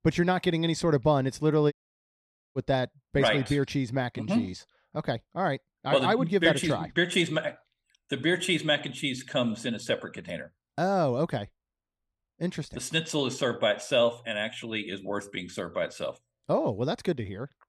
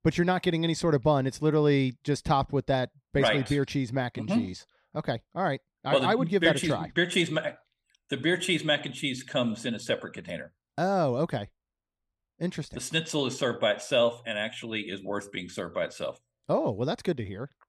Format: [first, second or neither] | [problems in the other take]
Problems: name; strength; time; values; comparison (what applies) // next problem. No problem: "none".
second | audio cutting out; at 1.5 s for 1 s